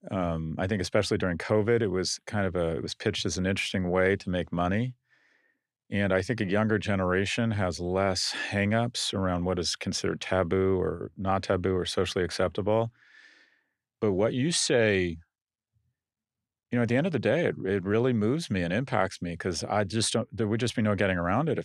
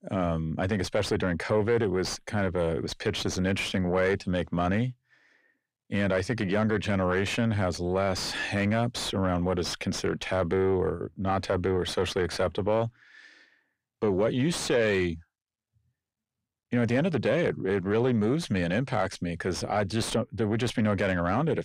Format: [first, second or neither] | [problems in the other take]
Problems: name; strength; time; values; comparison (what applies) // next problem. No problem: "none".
first | distortion; slight; 10 dB below the speech